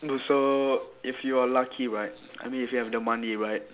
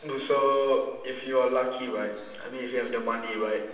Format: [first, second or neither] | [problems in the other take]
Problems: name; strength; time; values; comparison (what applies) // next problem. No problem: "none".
first | room echo; dies away in 1.1 s